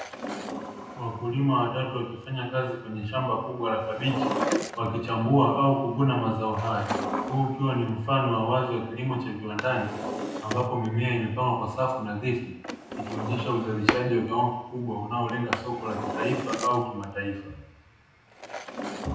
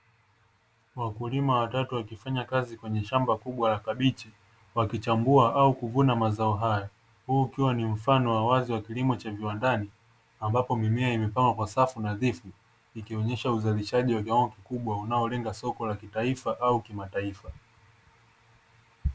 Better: second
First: background sound (Drawer open or close); 8 dB below the speech // room echo; dies away in 0.9 s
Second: none

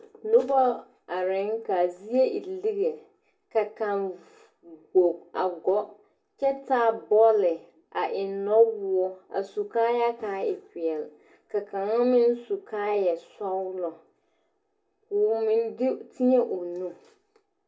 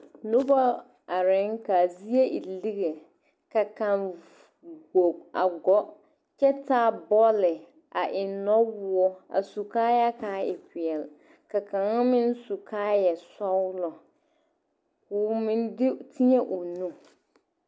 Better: second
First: room echo; dies away in 0.2 s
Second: none

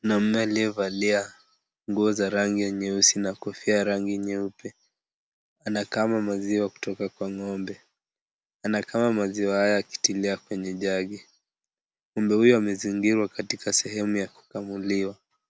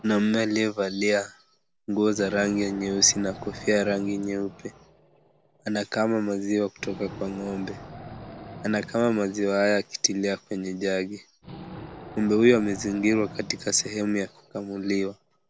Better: first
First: none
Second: background sound (Wild animals); 18 dB below the speech

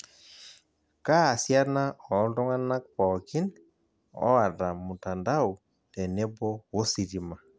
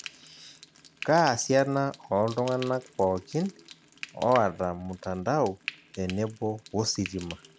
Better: first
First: none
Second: background sound (Frying (food)); 18 dB below the speech

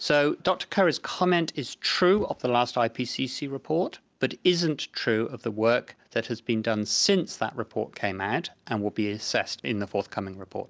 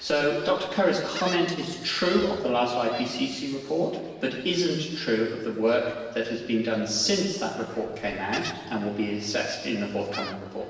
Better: first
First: none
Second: background sound (Gull, seagull); 17 dB below the speech // room echo; dies away in 1.3 s

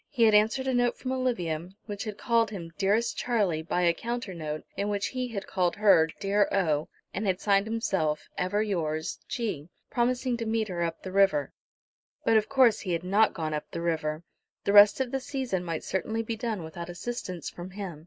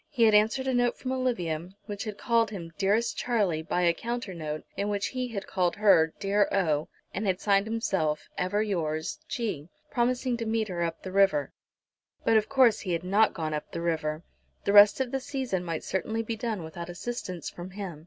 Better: second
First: noise reduction (neural mask model Resemble Enhance denoiser)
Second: none

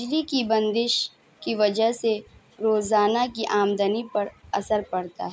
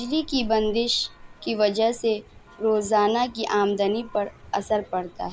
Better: first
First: none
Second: background sound (Church bell); 19 dB below the speech

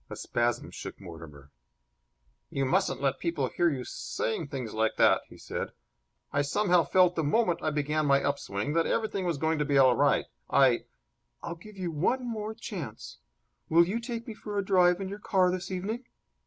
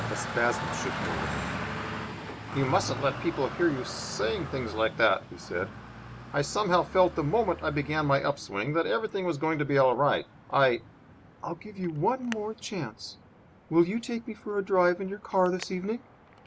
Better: first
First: none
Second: background sound (Traffic noise, roadway noise); 10 dB below the speech

